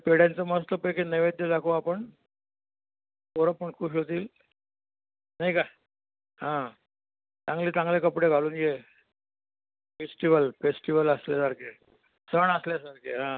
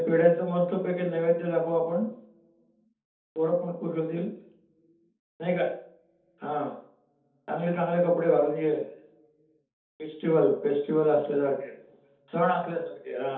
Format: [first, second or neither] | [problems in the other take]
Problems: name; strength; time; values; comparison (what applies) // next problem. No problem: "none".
first | room echo; dies away in 0.6 s